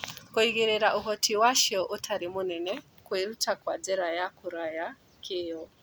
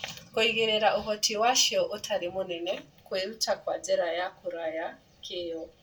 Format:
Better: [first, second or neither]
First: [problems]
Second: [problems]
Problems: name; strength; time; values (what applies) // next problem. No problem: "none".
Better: first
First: none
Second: room echo; dies away in 0.2 s